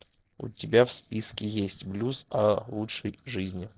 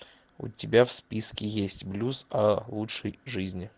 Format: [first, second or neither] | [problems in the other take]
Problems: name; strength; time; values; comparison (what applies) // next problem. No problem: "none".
second | noise reduction (neural separator model SepFormer DNS4)